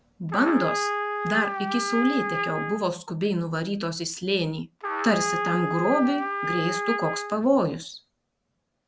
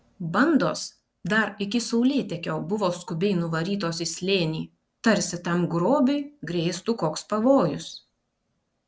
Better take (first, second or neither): second